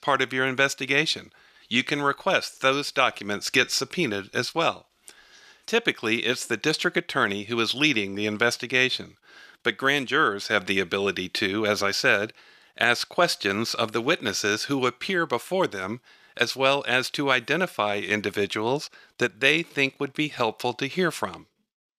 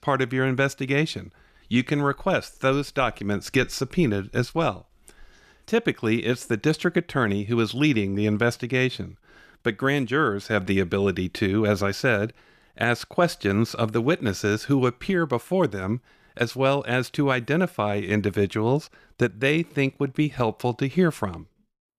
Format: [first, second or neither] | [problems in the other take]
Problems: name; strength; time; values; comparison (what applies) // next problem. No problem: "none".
second | thin; somewhat; fading below 550 Hz